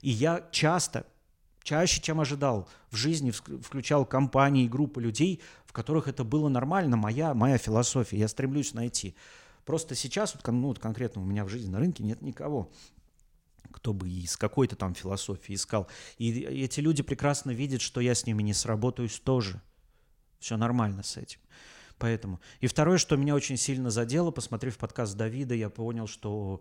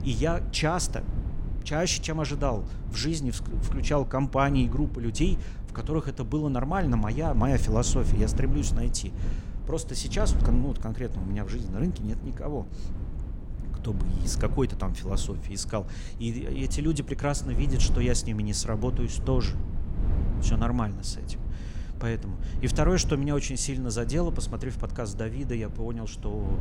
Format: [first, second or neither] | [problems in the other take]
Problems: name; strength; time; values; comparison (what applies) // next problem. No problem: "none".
first | low rumble; noticeable; throughout; 15 dB below the speech